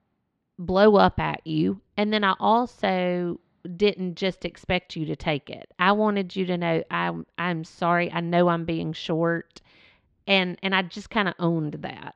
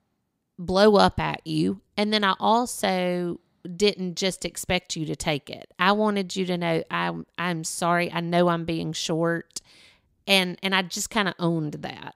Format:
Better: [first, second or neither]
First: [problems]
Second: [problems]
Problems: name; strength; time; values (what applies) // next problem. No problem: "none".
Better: second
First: muffled; slightly; fading above 3 kHz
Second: none